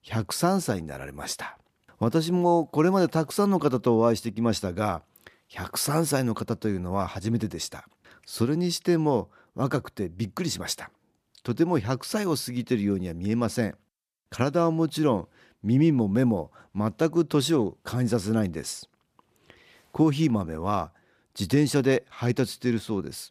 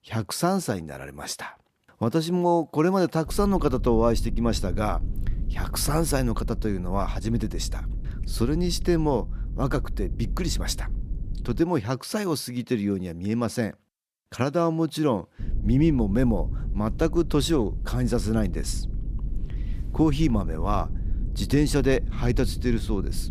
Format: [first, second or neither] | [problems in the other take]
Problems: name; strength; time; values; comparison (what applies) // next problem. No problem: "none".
first | low rumble; noticeable; from 3.5 to 12 s and from 15 s on; 20 dB below the speech